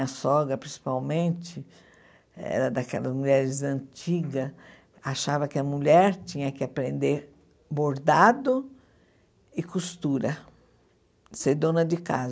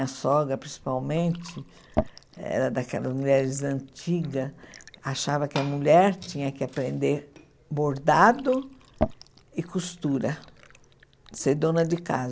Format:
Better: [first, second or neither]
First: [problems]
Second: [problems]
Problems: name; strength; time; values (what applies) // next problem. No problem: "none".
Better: first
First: none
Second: background sound (Fill (with liquid) / Glass); 13 dB below the speech